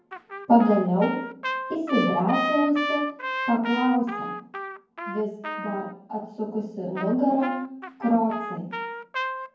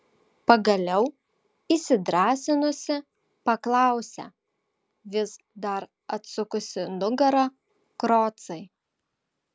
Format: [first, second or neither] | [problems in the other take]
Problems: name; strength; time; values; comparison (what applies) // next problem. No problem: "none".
second | background sound (Trumpet); 7 dB below the speech // room echo; dies away in 0.9 s